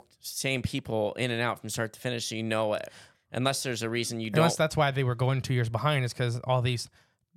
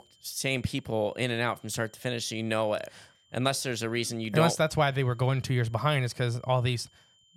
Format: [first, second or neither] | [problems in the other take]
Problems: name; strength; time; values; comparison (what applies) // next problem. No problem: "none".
first | high-pitched whine; faint; throughout; 3 kHz, 35 dB below the speech